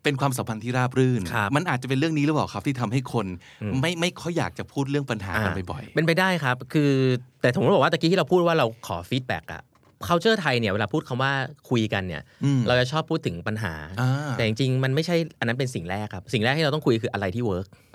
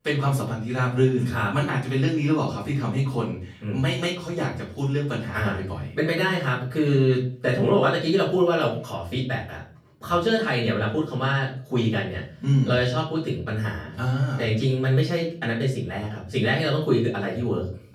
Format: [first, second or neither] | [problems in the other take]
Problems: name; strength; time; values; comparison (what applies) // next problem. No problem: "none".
first | room echo; slight; dies away in 0.4 s // off-mic speech; far